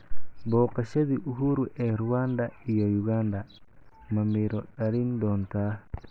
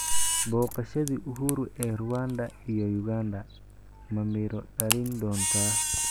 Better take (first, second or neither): first